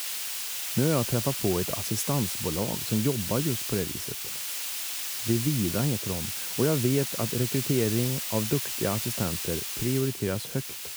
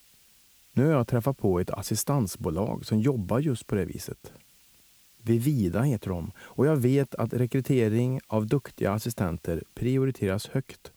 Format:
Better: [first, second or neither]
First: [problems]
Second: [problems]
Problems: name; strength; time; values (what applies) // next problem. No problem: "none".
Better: second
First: hiss; loud; throughout; 1 dB below the speech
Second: hiss; faint; throughout; 30 dB below the speech